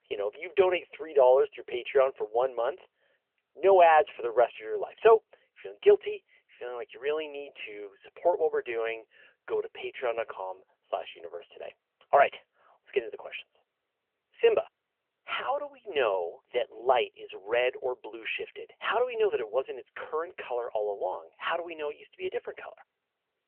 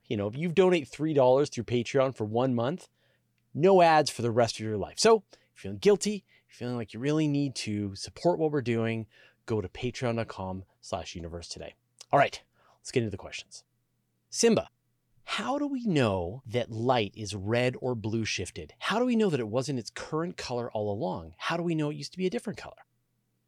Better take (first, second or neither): second